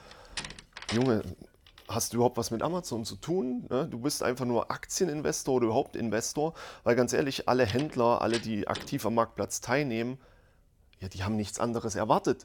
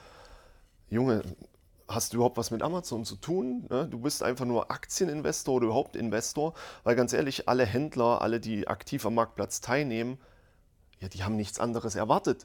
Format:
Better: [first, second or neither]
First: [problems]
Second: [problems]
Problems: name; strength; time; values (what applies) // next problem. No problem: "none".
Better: second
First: door banging; noticeable; until 9 s; peak 8 dB below the speech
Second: none